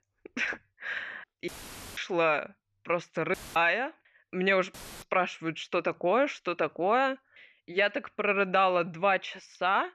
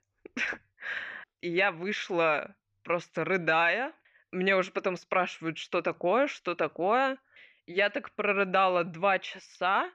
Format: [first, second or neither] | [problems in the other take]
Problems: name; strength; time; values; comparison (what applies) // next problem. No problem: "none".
second | audio cutting out; filled with static; at 1.5 s, at 3.5 s and at 4.5 s